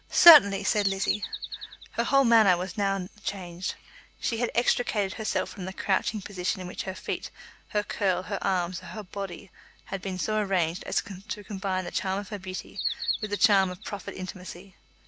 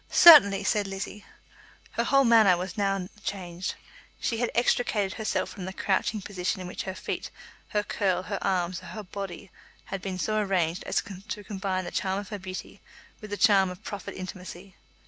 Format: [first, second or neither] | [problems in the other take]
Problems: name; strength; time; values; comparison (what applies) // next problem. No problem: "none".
second | background sound (Bird vocalization, bird call, bird song); 5 dB below the speech